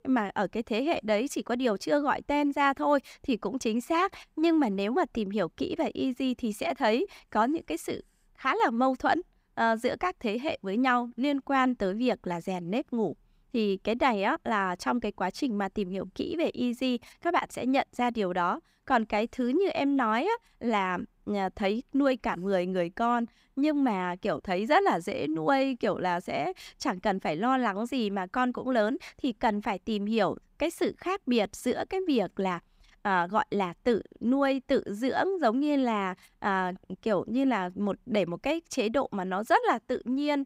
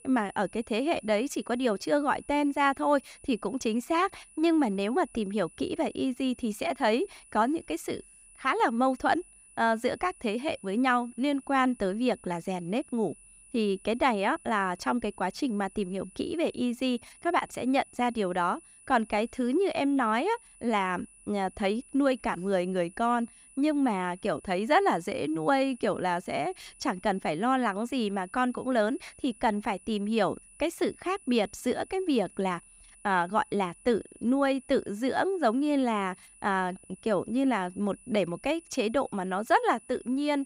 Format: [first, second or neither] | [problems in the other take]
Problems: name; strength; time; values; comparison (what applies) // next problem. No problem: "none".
first | high-pitched whine; faint; throughout; 10 kHz, 25 dB below the speech